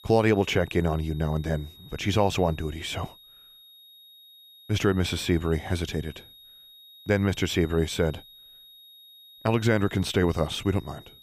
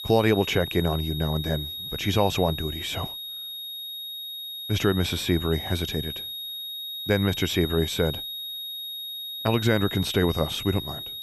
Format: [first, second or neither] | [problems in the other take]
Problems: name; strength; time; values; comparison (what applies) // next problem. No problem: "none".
first | high-pitched whine; loud; throughout; 3.5 kHz, 7 dB below the speech; faint in the first